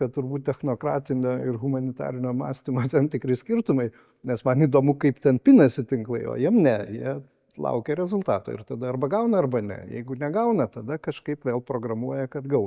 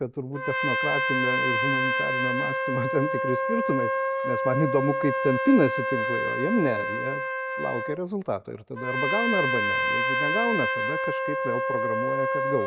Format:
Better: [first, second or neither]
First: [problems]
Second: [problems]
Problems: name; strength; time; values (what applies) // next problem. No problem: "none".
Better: first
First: none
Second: background sound (Trumpet); 2 dB above the speech